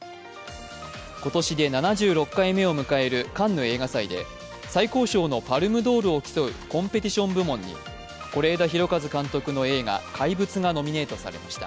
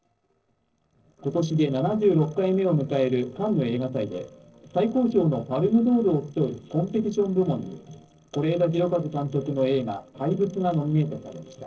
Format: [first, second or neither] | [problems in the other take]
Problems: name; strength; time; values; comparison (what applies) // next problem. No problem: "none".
first | noise reduction (neural separator model SepFormer DNS4)